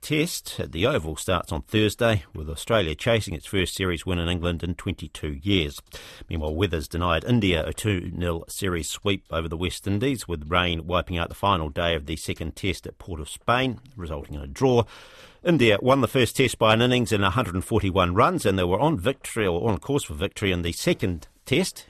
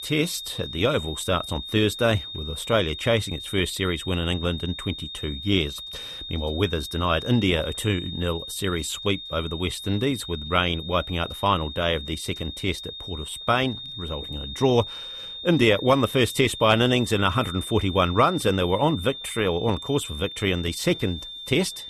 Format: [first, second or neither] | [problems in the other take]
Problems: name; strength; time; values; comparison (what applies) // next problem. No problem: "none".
first | high-pitched whine; loud; throughout; 3.5 kHz, 10 dB below the speech